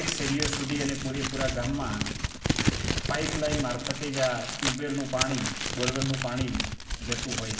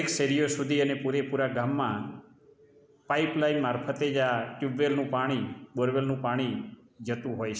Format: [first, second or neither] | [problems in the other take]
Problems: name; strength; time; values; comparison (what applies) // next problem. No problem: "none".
second | background sound (Crumpling, crinkling); as loud as the speech // room echo; dies away in 0.4 s